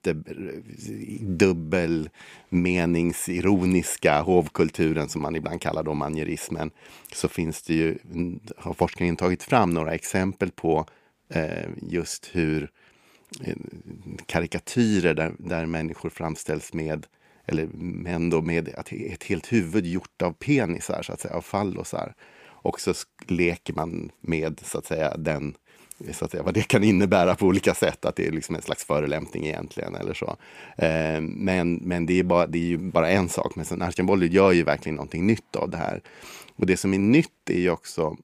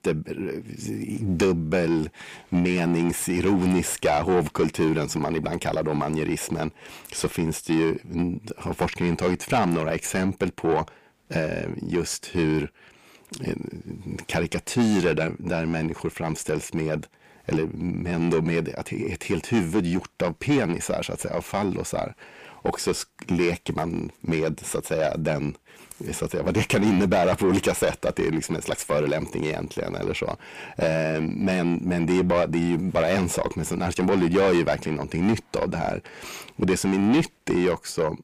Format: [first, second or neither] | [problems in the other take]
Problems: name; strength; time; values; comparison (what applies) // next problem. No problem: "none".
first | distortion; heavy; 7 dB below the speech